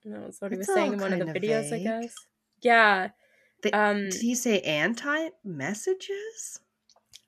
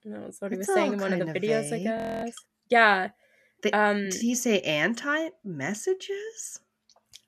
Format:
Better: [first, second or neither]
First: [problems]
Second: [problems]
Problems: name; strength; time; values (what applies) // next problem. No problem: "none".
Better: first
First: none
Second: audio freezing; at 2 s